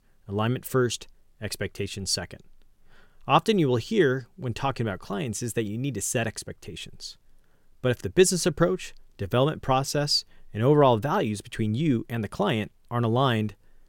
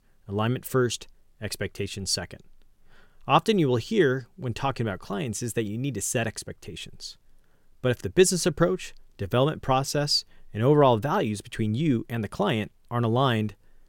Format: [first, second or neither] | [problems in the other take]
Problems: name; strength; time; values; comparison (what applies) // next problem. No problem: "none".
neither | none